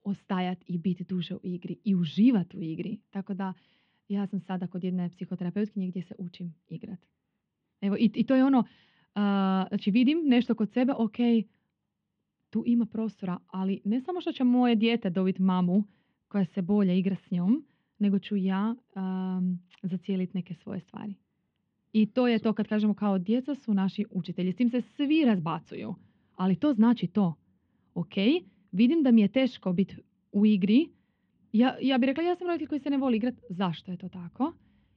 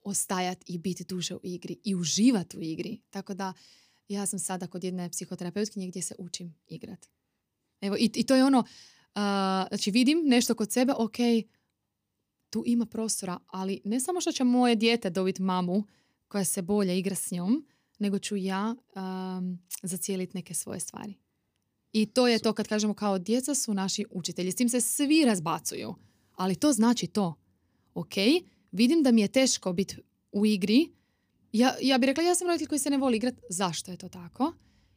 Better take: second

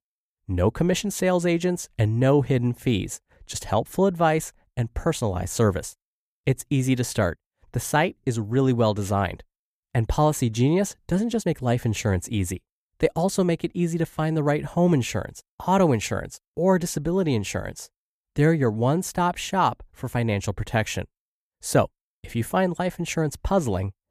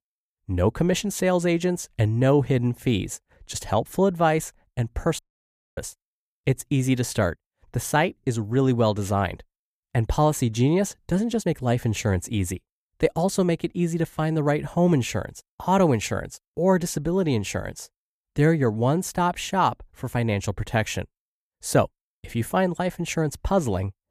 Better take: first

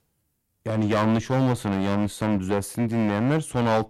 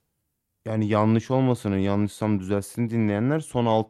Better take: second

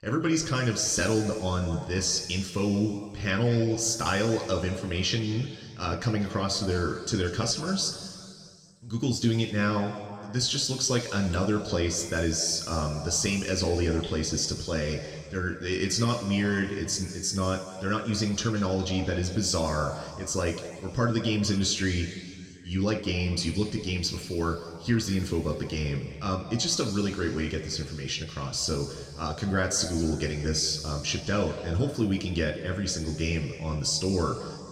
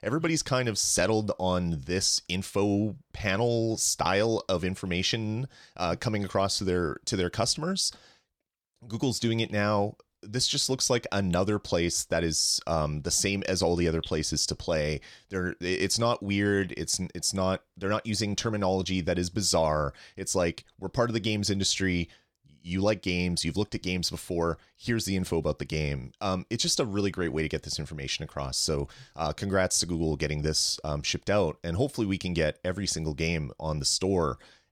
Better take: second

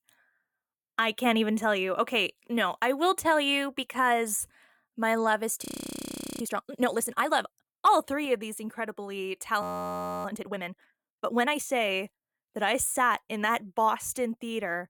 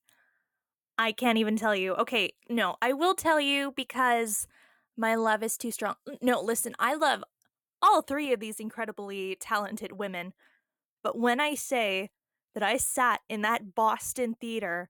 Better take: second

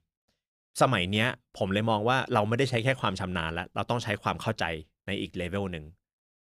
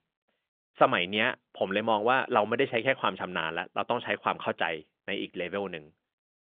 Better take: first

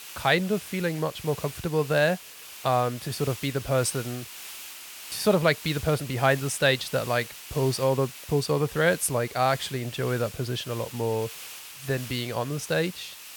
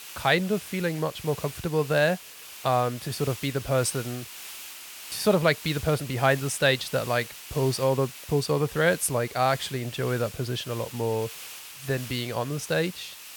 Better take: neither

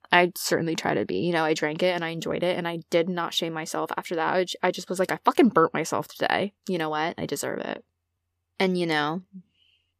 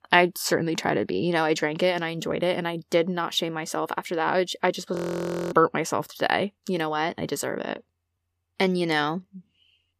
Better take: first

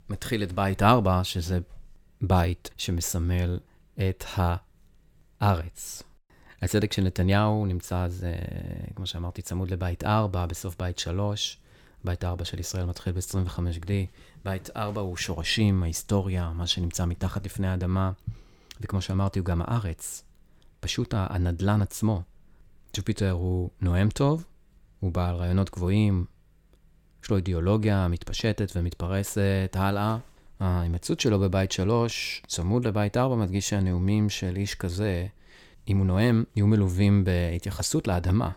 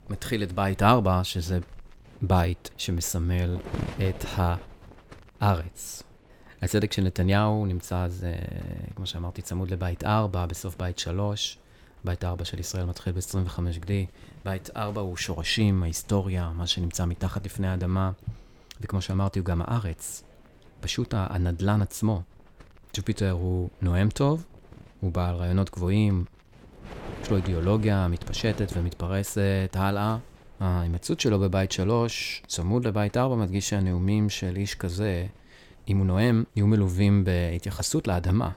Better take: first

